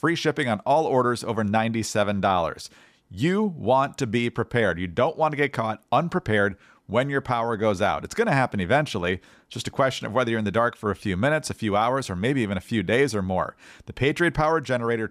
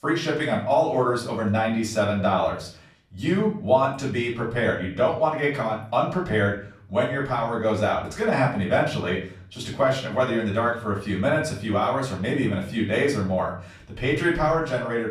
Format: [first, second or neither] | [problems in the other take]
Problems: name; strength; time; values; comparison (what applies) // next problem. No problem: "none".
first | off-mic speech; far // room echo; slight; dies away in 0.5 s